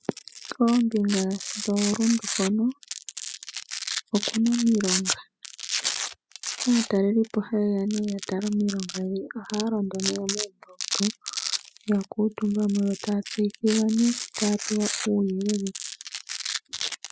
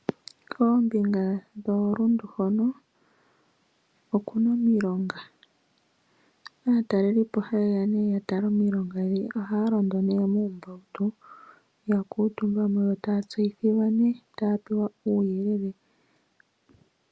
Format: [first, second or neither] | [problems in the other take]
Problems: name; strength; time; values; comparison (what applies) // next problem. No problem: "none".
second | noise reduction (classical method spectral subtraction)